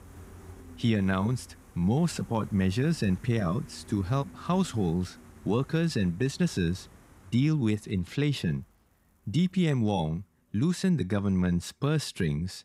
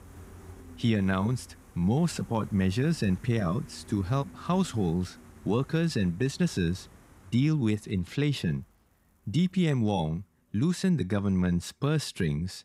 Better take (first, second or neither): neither